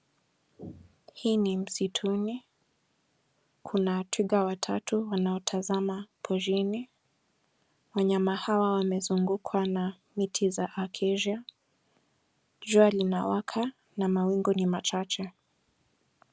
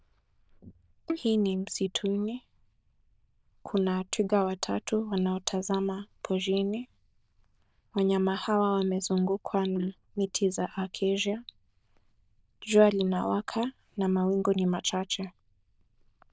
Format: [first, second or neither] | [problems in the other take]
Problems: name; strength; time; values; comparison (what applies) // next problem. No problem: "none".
first | noise reduction (neural diffusion model UNIVERSE++)